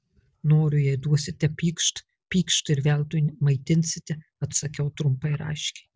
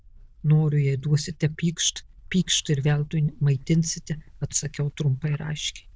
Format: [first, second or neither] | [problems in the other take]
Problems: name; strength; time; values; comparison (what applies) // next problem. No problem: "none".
first | noise reduction (neural diffusion model UNIVERSE++)